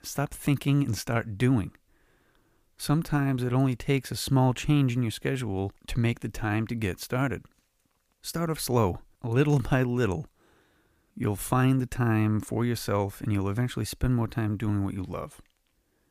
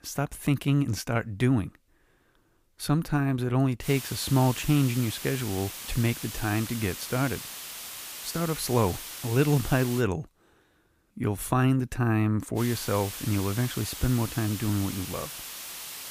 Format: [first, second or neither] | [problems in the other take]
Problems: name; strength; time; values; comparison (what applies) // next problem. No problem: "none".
first | hiss; loud; from 4 to 10 s and from 13 s on; 9 dB below the speech